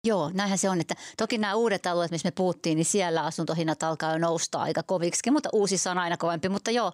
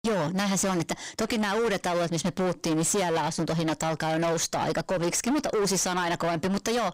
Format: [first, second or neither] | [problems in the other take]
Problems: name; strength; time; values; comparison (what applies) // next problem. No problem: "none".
first | distortion; heavy; 26% of the sound clipped